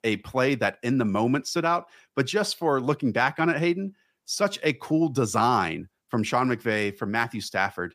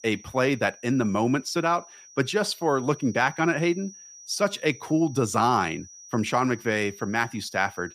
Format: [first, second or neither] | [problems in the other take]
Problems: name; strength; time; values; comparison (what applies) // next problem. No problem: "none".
first | high-pitched whine; faint; throughout; 6 kHz, 20 dB below the speech